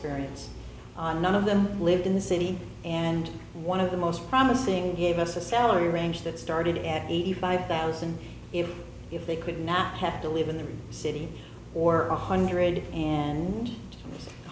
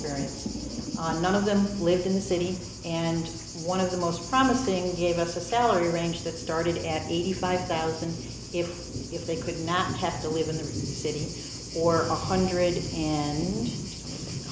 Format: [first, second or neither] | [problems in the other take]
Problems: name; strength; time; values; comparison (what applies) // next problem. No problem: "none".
first | background sound (Thunder); 10 dB below the speech